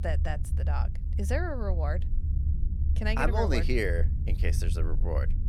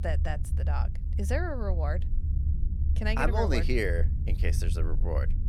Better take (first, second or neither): neither